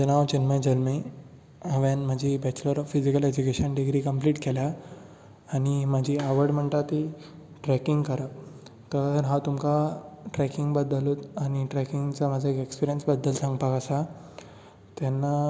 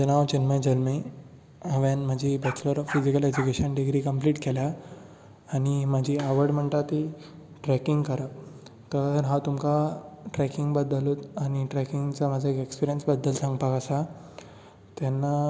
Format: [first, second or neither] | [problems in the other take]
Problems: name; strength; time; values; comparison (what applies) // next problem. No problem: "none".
first | background sound (Bark); 12 dB below the speech